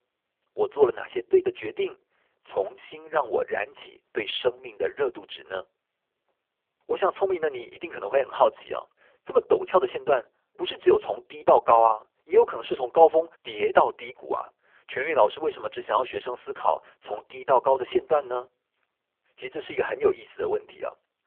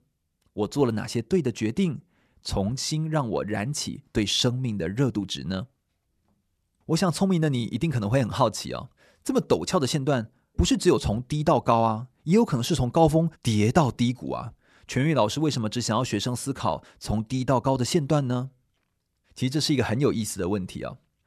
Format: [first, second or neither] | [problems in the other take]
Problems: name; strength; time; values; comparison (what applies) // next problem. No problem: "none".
second | phone-call audio; poor line; nothing above 3.5 kHz